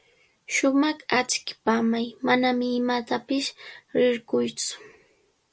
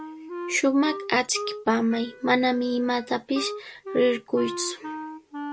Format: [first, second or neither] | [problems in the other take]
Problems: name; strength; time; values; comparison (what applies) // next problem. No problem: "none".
first | background sound (Wind instrument, woodwind instrument); 11 dB below the speech